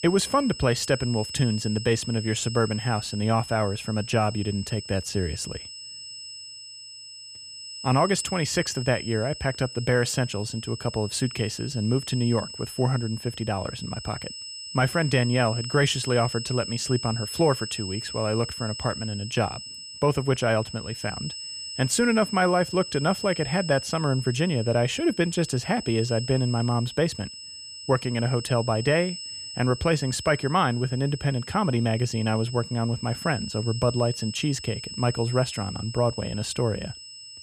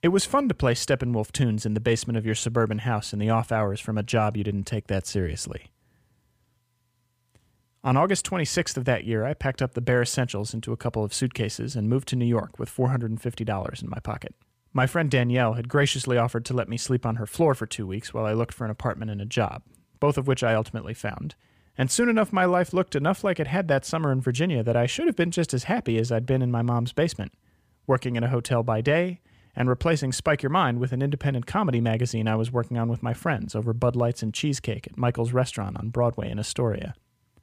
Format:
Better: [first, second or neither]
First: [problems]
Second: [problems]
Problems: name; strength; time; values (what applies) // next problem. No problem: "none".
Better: second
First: high-pitched whine; loud; throughout; 5 kHz, 10 dB below the speech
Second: none